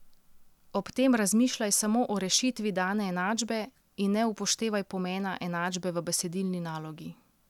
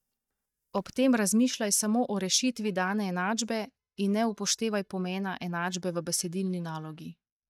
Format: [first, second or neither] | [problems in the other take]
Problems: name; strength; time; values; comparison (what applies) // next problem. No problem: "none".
first | noise reduction (neural mask model DeepFilterNet 3)